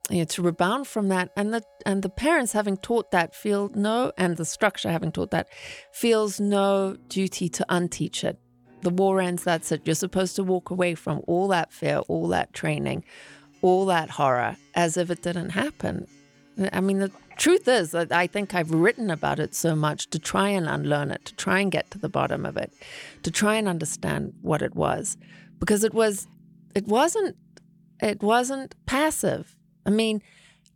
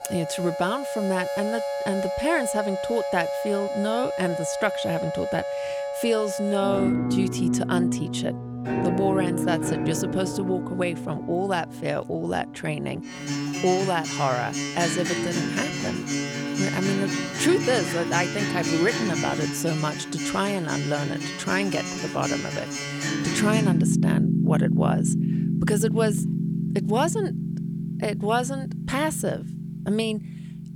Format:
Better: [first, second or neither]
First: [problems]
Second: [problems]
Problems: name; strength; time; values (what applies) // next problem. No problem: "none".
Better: first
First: background music; faint; throughout; 30 dB below the speech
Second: background music; loud; throughout; as loud as the speech